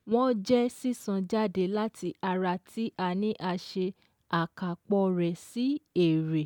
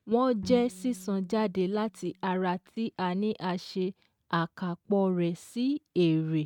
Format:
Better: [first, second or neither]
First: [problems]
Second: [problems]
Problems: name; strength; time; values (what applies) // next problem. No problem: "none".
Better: first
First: none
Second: noise reduction (neural mask model RNNoise)